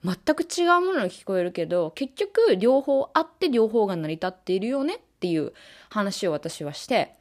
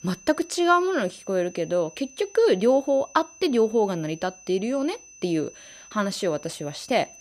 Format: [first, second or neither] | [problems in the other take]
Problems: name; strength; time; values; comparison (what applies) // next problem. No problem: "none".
first | high-pitched whine; faint; throughout; 6 kHz, 20 dB below the speech